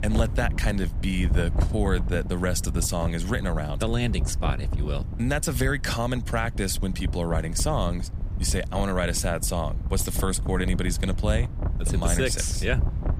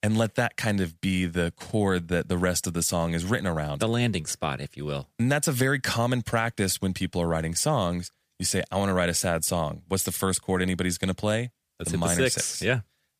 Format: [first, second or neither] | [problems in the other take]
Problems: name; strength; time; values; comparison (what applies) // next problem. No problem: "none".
second | wind noise on the microphone; occasional gusts; 15 dB below the speech